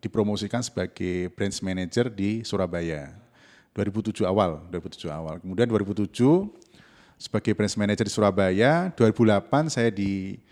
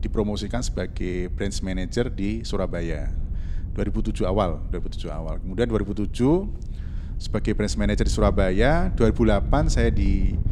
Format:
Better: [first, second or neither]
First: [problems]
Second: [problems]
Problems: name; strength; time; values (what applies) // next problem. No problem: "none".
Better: first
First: none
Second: wind noise on the microphone; occasional gusts; 20 dB below the speech